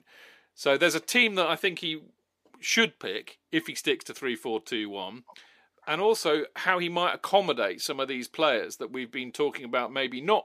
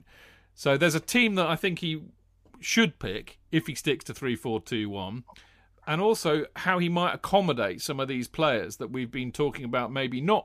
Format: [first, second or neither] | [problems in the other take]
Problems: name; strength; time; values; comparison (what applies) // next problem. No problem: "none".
second | thin; somewhat; fading below 350 Hz